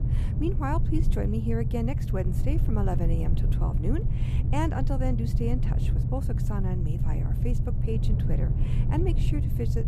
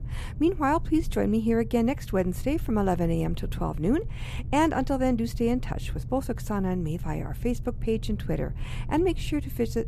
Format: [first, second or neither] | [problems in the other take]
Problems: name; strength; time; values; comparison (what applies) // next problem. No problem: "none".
second | low rumble; loud; throughout; 5 dB below the speech; faint in the second